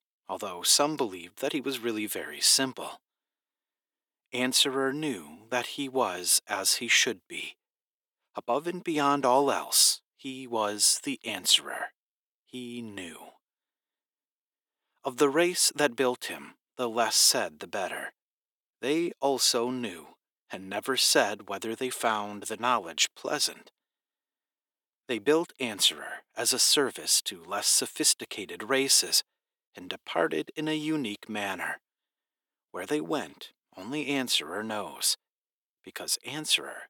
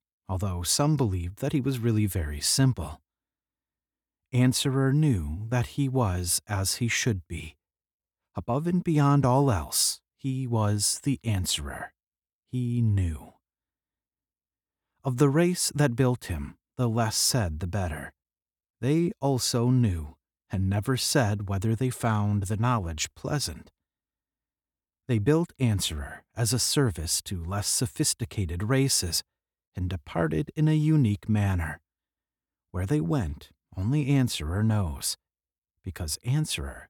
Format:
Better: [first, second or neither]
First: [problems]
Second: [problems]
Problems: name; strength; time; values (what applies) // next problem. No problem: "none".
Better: second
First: thin; very; fading below 350 Hz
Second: none